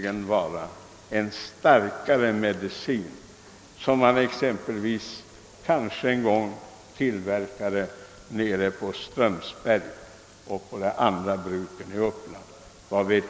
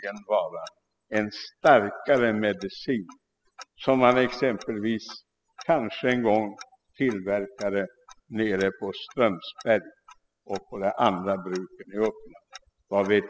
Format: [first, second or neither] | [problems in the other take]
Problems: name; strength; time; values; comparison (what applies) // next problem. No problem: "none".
first | noise reduction (classical method spectral subtraction)